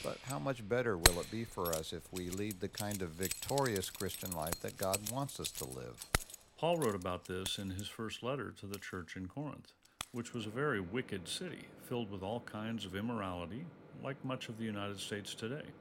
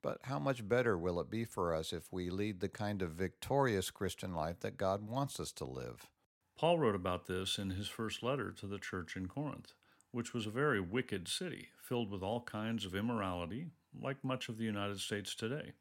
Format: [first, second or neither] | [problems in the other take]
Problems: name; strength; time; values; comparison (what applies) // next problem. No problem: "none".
second | household noises; very loud; throughout; 1 dB above the speech